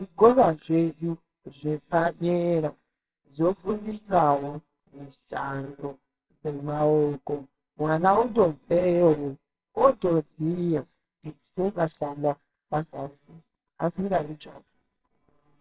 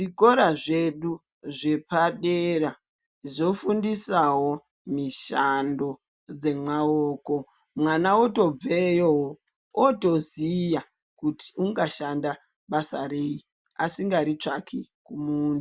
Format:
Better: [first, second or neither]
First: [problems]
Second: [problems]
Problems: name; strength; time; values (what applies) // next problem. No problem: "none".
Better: second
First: noise reduction (neural separator model SepFormer WHAMR!)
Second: none